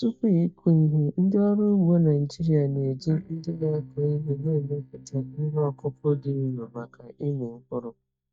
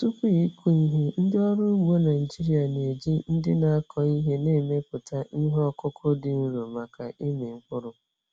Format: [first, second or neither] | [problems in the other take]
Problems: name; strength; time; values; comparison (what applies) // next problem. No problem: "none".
second | noise reduction (neural mask model DeepFilterNet 3)